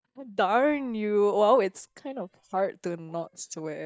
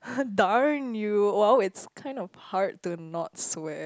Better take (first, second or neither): second